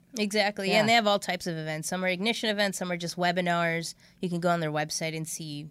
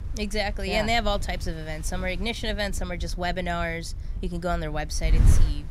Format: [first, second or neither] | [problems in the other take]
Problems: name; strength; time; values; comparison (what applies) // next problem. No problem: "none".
first | wind noise on the microphone; occasional gusts; 15 dB below the speech